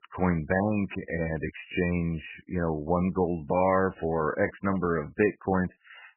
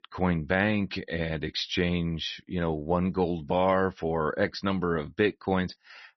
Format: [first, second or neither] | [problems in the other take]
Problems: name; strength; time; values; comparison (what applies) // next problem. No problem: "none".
second | garbled, watery; badly; nothing above 2.5 kHz; slightly in the second